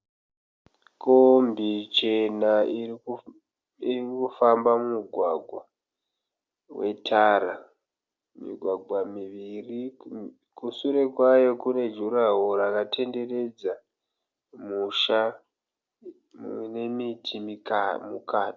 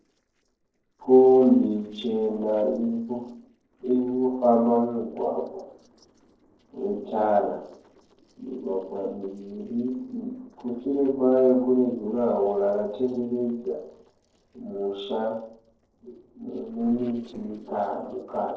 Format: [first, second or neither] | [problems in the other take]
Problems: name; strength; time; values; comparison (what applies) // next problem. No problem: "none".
first | noise reduction (neural separator model SepFormer DNS4)